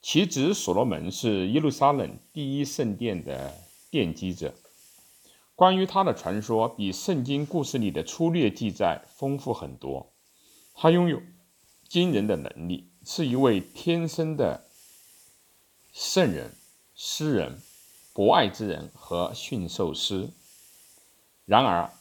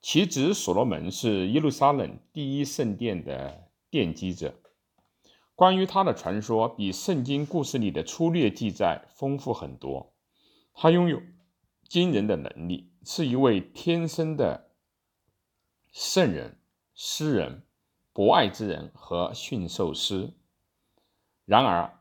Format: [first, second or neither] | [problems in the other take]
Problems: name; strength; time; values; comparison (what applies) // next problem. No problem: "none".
second | hiss; faint; throughout; 30 dB below the speech